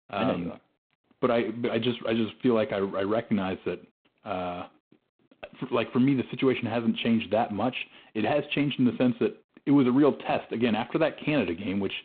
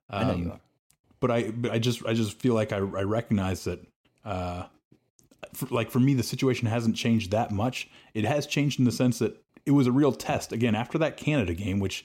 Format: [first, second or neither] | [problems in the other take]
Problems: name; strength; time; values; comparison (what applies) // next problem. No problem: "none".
second | phone-call audio; poor line; nothing above 3.5 kHz